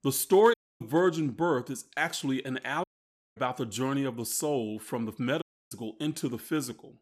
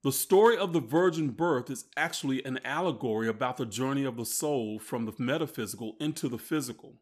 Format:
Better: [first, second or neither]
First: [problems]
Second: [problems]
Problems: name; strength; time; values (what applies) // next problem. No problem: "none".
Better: second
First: audio cutting out; at 0.5 s, at 3 s for 0.5 s and at 5.5 s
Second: none